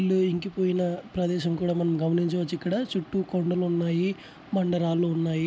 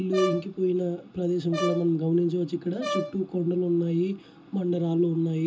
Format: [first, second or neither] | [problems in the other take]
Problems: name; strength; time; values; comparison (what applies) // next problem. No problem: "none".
first | background sound (Brass instrument); 9 dB below the speech // room echo; dies away in 0.2 s